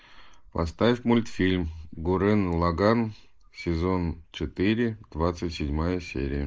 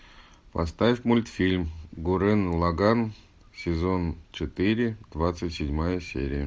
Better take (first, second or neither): second